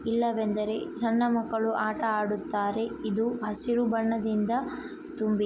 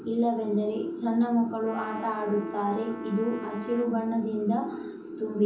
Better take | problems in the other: first | background sound (Brass instrument); 15 dB below the speech // room echo; dies away in 0.8 s

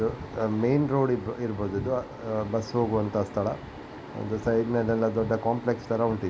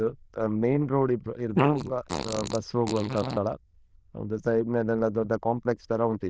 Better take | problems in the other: first | noise reduction (neural diffusion model UNIVERSE++)

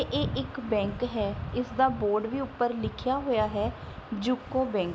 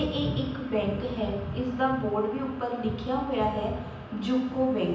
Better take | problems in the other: first | room echo; dies away in 0.9 s

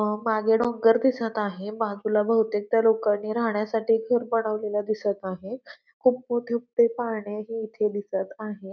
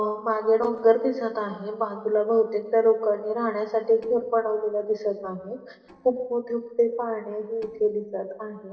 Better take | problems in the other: first | noise reduction (neural separator model SepFormer DNS4)

